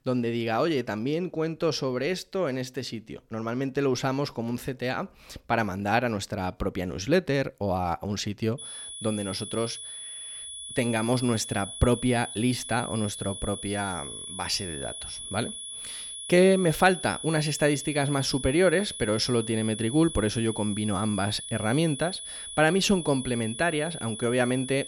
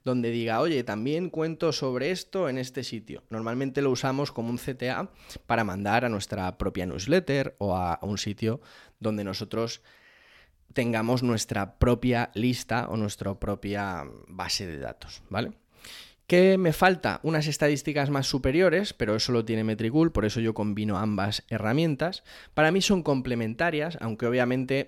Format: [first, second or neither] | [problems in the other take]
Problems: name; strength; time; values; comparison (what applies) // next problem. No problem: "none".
second | high-pitched whine; loud; from 8.5 s on; 3.5 kHz, 9 dB below the speech